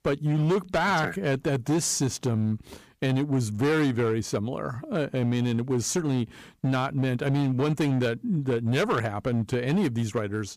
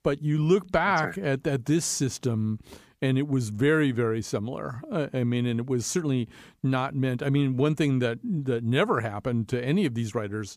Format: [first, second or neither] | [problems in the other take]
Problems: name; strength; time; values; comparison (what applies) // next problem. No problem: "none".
second | distortion; slight; 12% of the sound clipped